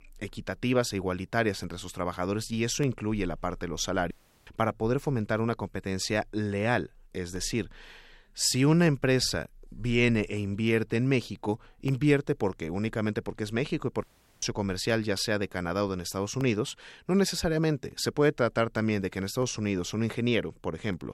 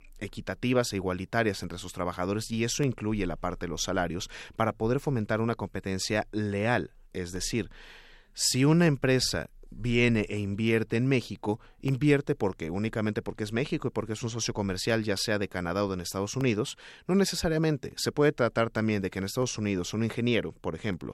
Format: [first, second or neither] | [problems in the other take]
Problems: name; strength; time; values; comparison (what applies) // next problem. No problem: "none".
second | audio cutting out; at 4 s and at 14 s